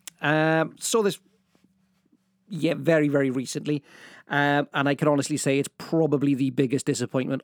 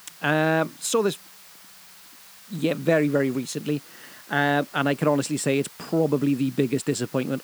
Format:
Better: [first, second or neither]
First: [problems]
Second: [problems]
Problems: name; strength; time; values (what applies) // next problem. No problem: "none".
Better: first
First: none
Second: hiss; faint; throughout; 20 dB below the speech